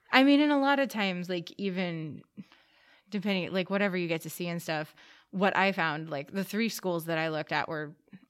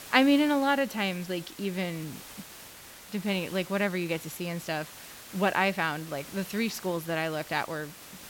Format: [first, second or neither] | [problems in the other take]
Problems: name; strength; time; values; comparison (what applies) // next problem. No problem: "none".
first | hiss; noticeable; throughout; 15 dB below the speech